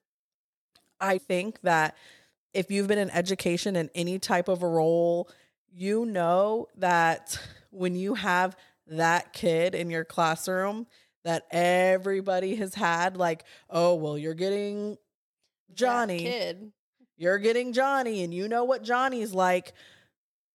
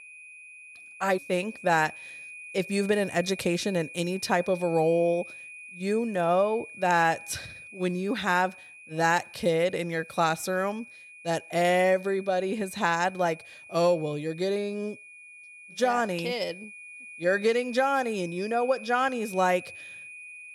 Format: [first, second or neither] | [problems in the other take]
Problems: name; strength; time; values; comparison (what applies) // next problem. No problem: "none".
first | high-pitched whine; noticeable; throughout; 2.5 kHz, 15 dB below the speech